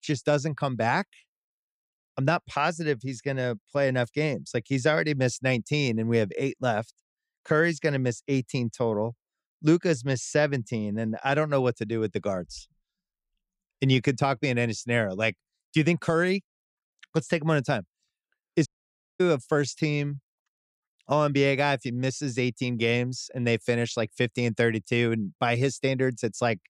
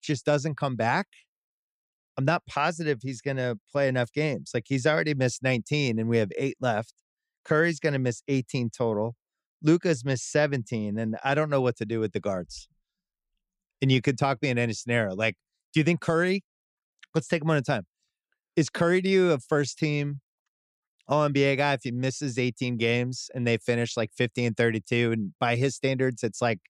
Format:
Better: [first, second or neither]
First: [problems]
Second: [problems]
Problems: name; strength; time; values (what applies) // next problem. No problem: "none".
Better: second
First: audio cutting out; at 19 s for 0.5 s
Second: none